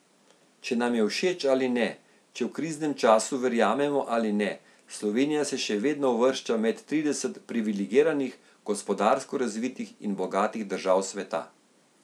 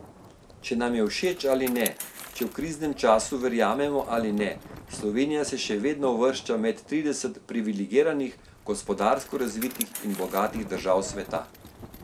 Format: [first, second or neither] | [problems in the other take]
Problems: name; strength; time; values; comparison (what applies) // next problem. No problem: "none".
first | background sound (Bicycle + Thunder); 15 dB below the speech